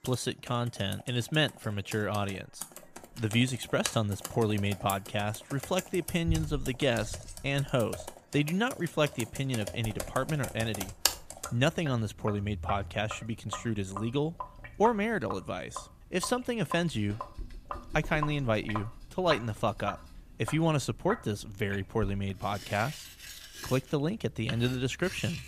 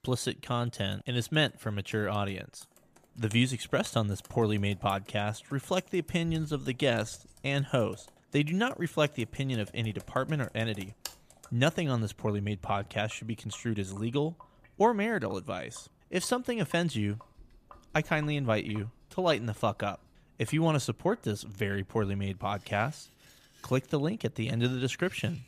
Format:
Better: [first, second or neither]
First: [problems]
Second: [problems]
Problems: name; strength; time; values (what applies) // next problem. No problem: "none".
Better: second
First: household noises; loud; throughout; 9 dB below the speech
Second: household noises; faint; throughout; 25 dB below the speech